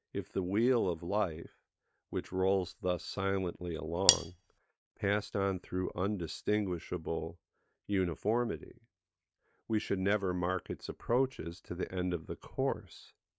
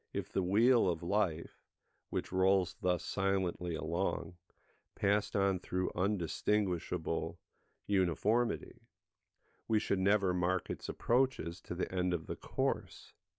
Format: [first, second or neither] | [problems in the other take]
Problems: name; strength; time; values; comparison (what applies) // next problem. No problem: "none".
second | noise reduction (neural mask model RNNoise)